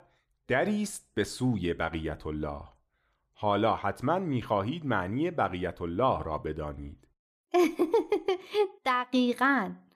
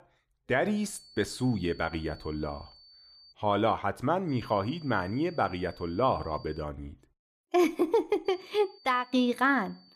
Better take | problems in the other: first | high-pitched whine; faint; from 1 to 3.5 s, from 4.5 to 6.5 s and from 8.5 s on; 4.5 kHz, 25 dB below the speech

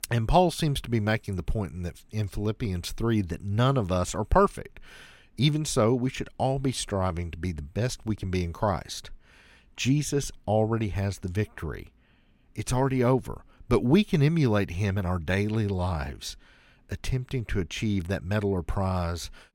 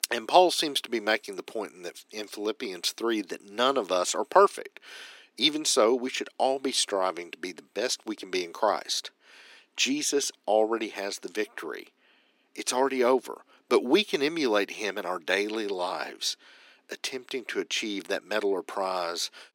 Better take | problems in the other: first | thin; somewhat; fading below 300 Hz

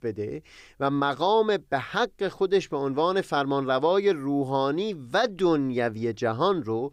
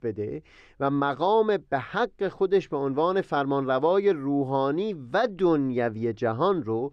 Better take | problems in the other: first | muffled; slightly; fading above 2 kHz

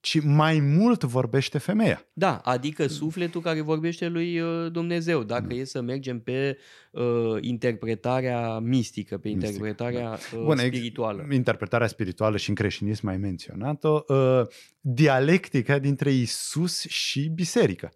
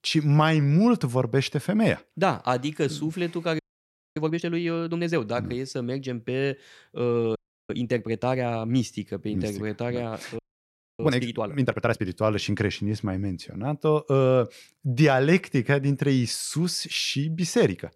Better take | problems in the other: first | audio freezing; at 3.5 s for 0.5 s, at 7.5 s and at 10 s for 0.5 s

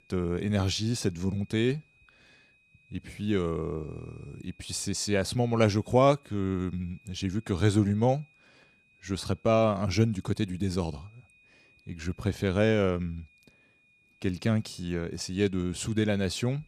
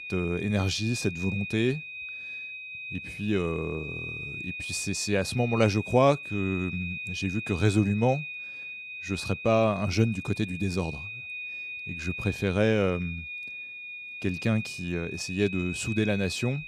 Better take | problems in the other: first | high-pitched whine; loud; throughout; 2.5 kHz, 8 dB below the speech; faint in the first

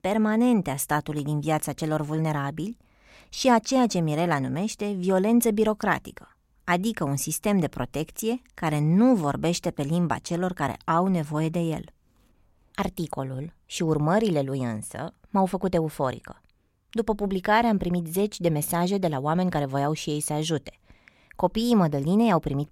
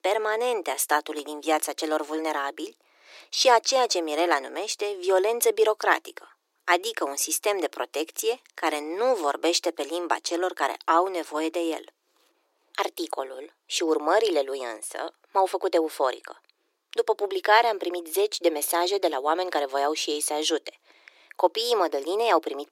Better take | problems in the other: first | thin; very; fading below 300 Hz

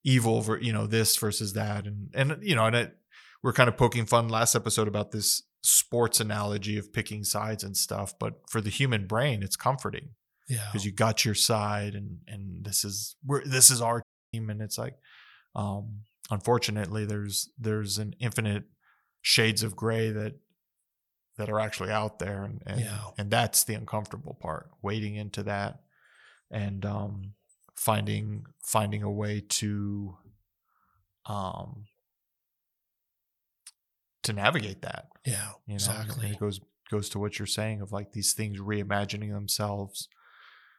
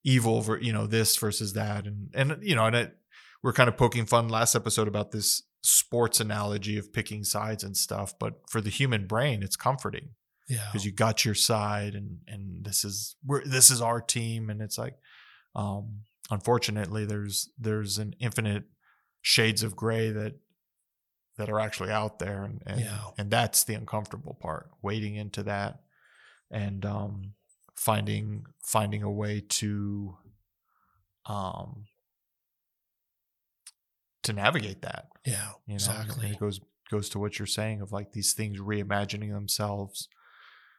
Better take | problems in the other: second | audio cutting out; at 14 s

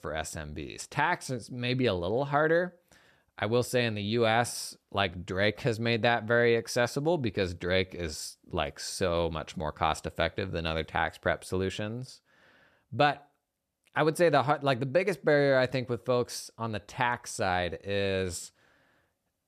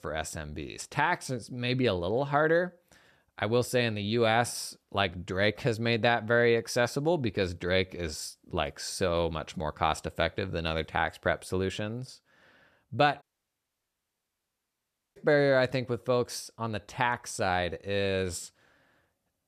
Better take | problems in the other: first | audio cutting out; at 13 s for 2 s

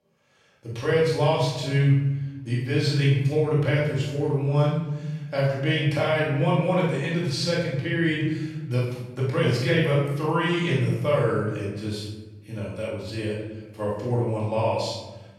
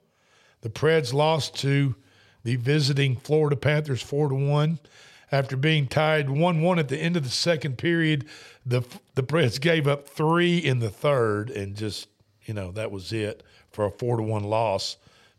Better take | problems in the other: second | off-mic speech; far // room echo; noticeable; dies away in 1.1 s

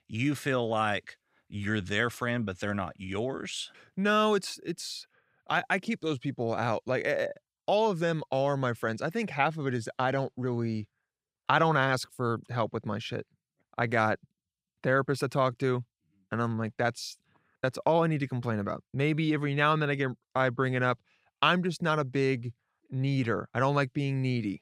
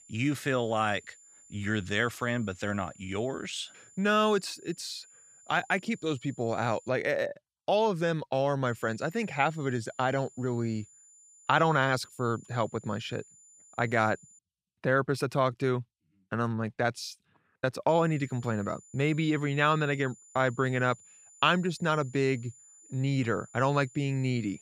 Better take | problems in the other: first | high-pitched whine; faint; until 7 s, from 8.5 to 14 s and from 18 s on; 7 kHz, 25 dB below the speech

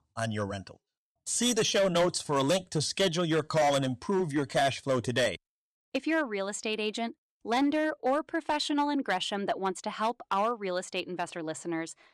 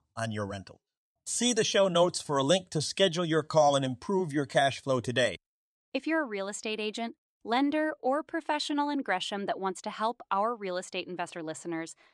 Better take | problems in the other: second | distortion; slight; 5% of the sound clipped

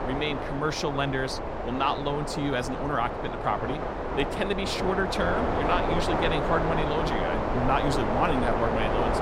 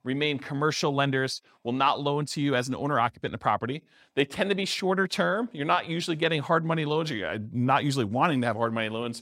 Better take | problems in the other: second | wind noise on the microphone; heavy; as loud as the speech

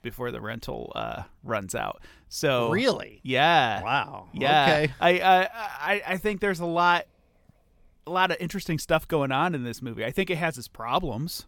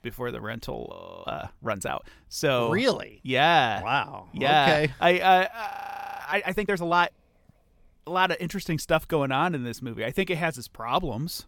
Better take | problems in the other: first | audio freezing; at 1 s and at 5.5 s for 0.5 s

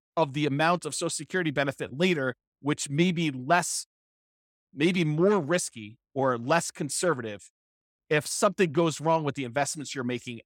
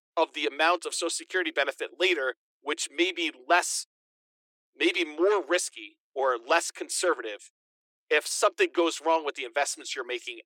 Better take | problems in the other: first | thin; very; fading below 350 Hz

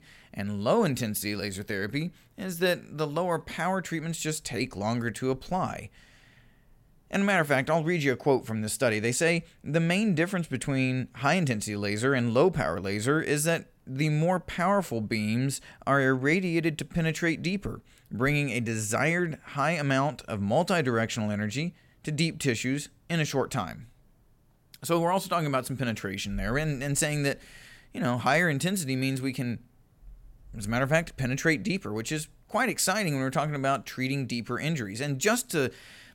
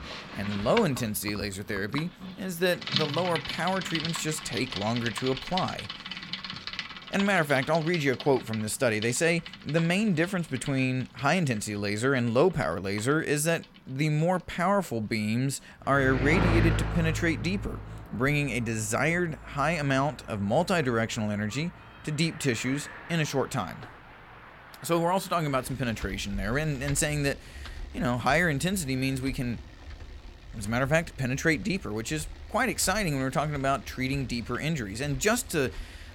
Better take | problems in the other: first | traffic noise; loud; throughout; 10 dB below the speech

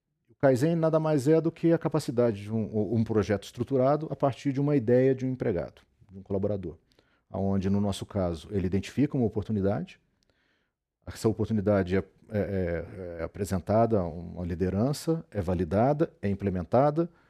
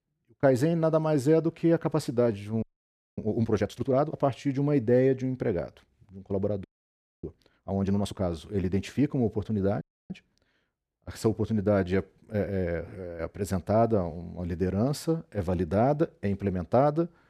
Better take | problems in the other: first | audio freezing; at 2.5 s for 0.5 s, at 6.5 s for 0.5 s and at 10 s

